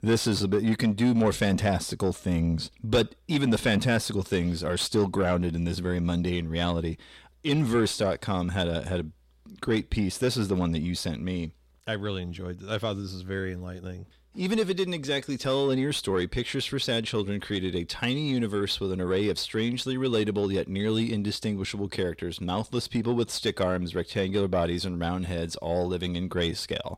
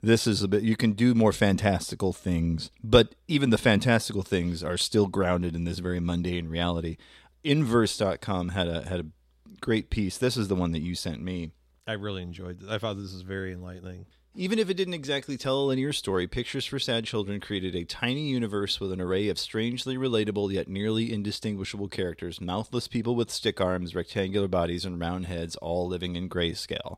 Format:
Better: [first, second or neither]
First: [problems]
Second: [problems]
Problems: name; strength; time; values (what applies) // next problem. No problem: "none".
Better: second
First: distortion; slight; 10 dB below the speech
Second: none